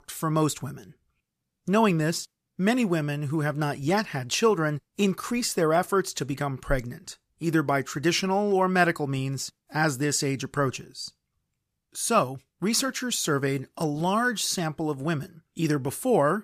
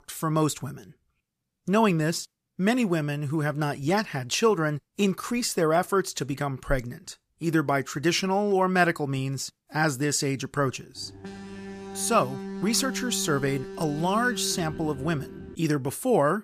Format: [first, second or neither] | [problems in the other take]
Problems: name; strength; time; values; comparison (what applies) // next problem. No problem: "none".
first | alarm; noticeable; from 11 to 16 s; peak 9 dB below the speech